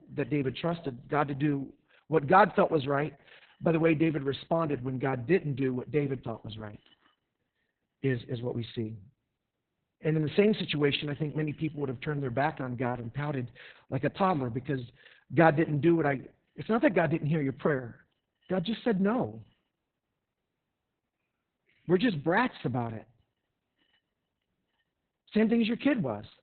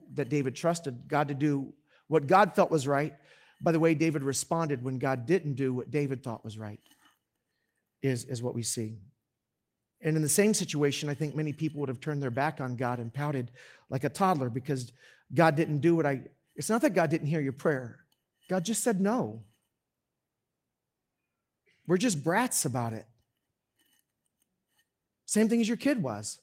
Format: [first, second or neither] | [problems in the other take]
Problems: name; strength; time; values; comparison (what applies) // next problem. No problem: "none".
second | garbled, watery; badly; nothing above 4 kHz; slightly in the second